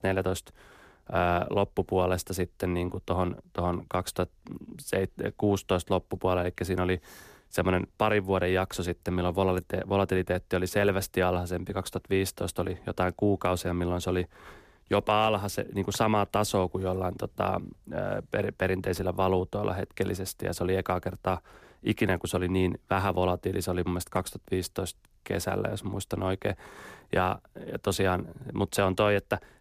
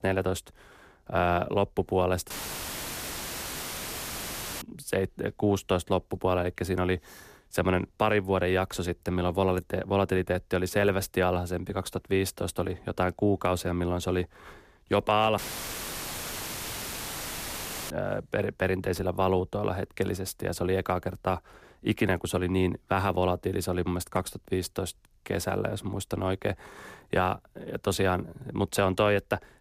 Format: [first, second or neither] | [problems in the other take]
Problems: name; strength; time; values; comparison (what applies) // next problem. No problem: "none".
first | audio cutting out; filled with static; at 2.5 s for 2.5 s and at 15 s for 2.5 s